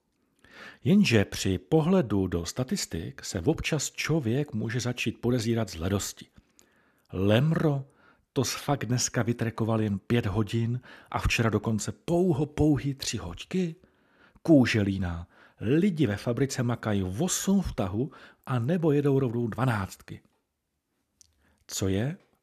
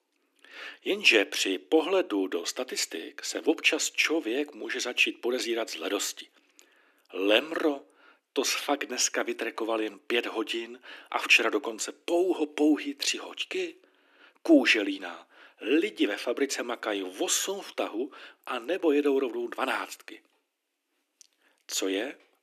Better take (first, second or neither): first